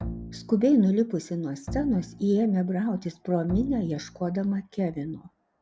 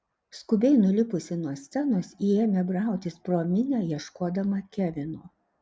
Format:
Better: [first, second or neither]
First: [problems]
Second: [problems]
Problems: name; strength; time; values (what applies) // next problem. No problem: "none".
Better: second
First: background sound (Bowed string instrument); 14 dB below the speech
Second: none